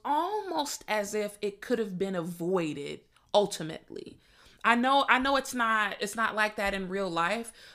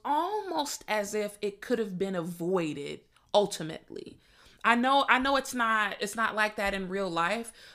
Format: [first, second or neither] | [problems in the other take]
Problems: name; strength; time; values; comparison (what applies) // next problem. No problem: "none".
neither | none